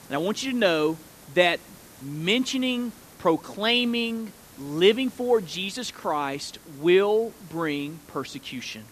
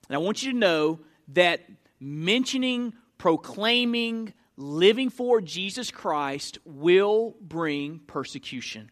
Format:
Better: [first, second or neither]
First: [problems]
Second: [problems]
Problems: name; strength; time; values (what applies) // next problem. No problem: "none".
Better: second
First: hiss; faint; throughout; 25 dB below the speech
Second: none